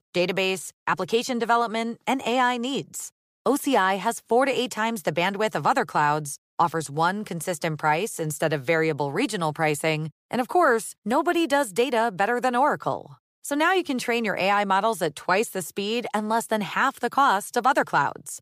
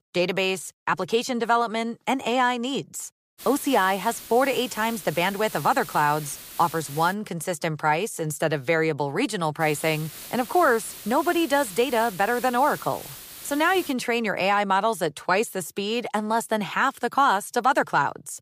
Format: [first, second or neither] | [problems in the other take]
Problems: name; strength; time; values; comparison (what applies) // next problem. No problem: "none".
first | hiss; noticeable; from 3.5 to 7 s and from 9.5 to 14 s; 15 dB below the speech